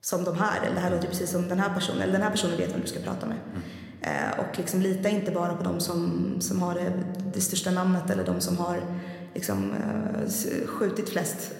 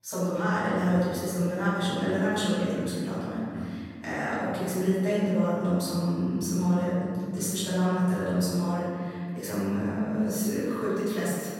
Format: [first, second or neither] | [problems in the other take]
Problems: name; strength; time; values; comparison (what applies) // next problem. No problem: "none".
first | room echo; strong; dies away in 1.9 s; slight in the first // off-mic speech; far